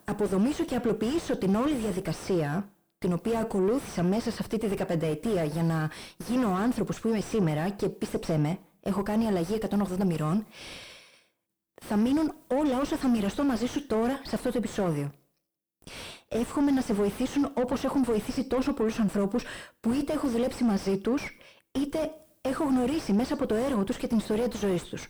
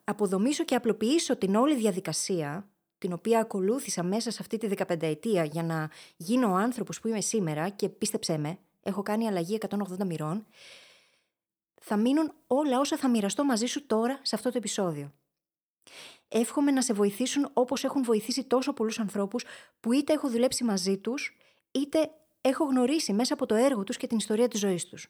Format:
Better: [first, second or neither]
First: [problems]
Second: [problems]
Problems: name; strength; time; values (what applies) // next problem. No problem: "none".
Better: second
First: distortion; heavy; 4 dB below the speech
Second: none